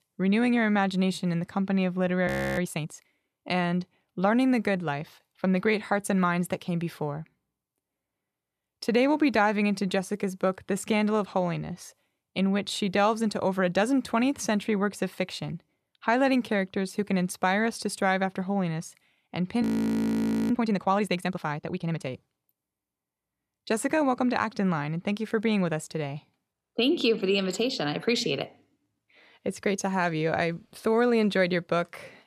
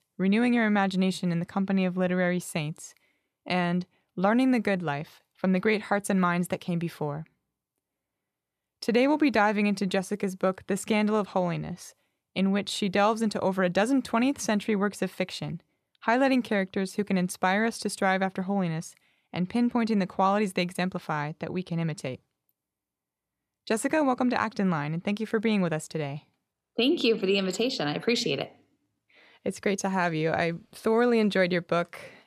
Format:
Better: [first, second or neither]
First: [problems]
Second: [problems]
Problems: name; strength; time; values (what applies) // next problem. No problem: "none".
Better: second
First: audio freezing; at 2.5 s and at 20 s for 1 s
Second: none